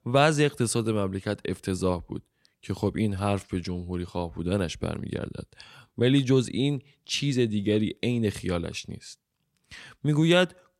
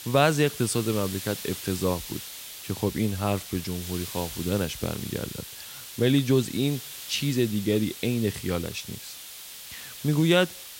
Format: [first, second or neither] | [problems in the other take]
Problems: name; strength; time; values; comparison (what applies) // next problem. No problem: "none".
first | hiss; noticeable; throughout; 10 dB below the speech